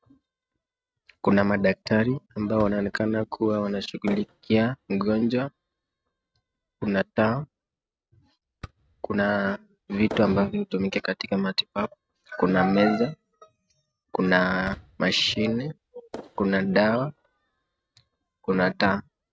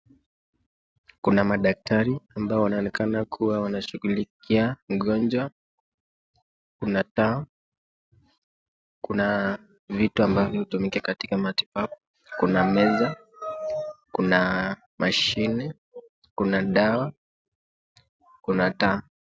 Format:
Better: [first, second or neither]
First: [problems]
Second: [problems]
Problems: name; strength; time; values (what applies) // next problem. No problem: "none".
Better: second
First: noise reduction (neural mask model RNNoise)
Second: none